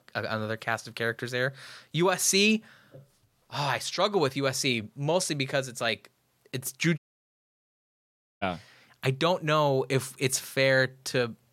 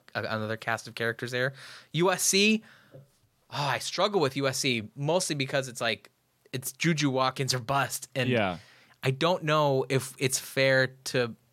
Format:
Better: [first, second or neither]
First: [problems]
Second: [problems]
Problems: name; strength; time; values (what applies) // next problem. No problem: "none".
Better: second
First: audio cutting out; at 7 s for 1.5 s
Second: none